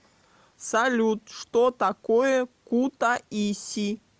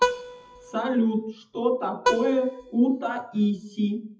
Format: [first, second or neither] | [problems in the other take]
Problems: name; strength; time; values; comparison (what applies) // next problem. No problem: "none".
first | noise reduction (classical method WPE with log-MMSE)